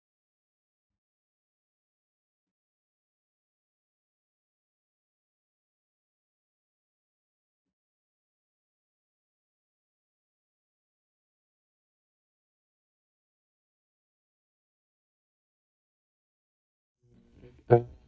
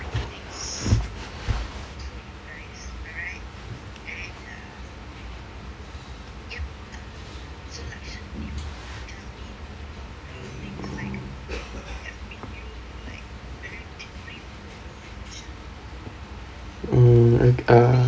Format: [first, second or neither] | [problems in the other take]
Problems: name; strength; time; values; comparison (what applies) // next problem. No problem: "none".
second | noise reduction (neural mask model DeepFilterNet 3)